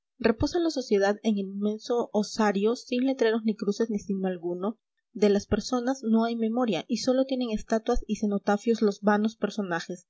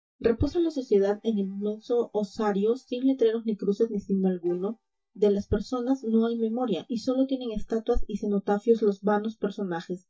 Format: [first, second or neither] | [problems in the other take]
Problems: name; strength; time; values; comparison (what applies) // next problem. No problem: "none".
first | noise reduction (neural mask model DeepFilterNet 3)